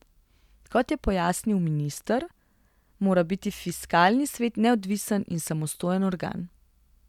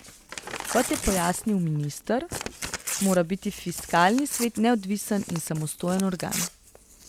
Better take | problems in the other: first | background sound (Crumpling, crinkling / Tearing); 9 dB below the speech

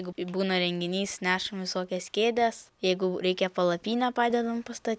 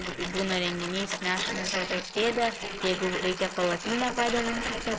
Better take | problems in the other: first | noise reduction (neural mask model Resemble Enhance denoiser)

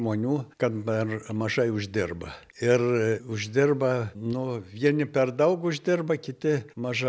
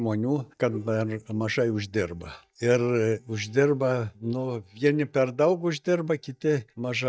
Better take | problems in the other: first | noise reduction (neural mask model DeepFilterNet 3)

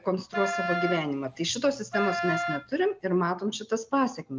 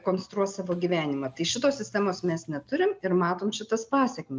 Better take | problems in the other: second | background sound (Wind instrument, woodwind instrument); 4 dB below the speech

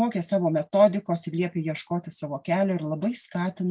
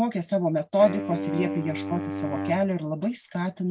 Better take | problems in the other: first | background sound (Wind instrument, woodwind instrument); 6 dB below the speech

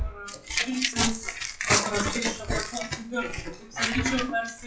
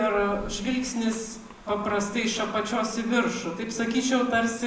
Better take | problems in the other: second | noise reduction (classical method log-MMSE)

